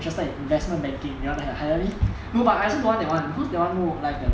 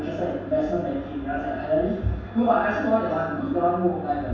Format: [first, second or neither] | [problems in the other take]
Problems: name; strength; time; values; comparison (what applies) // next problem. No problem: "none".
first | room echo; dies away in 0.7 s